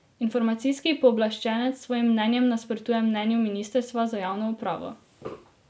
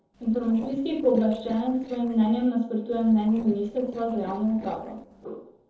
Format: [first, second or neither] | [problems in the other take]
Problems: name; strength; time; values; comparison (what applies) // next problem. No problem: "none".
first | noise reduction (neural separator model SepFormer DNS4)